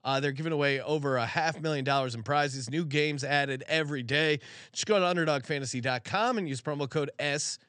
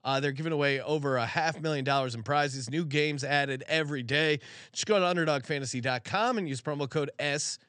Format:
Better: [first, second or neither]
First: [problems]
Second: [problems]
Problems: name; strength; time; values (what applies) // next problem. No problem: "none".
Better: neither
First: none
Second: none